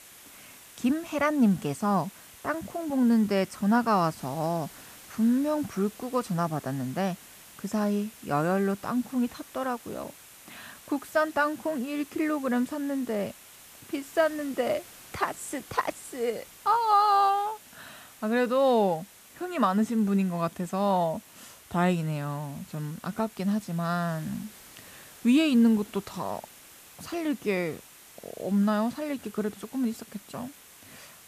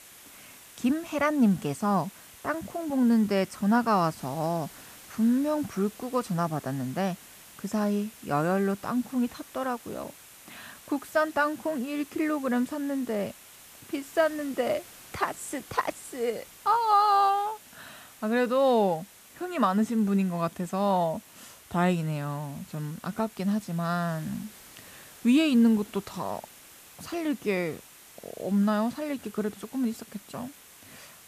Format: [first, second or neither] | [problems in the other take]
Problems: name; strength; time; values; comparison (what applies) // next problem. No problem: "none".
neither | hiss; noticeable; throughout; 20 dB below the speech; the same in both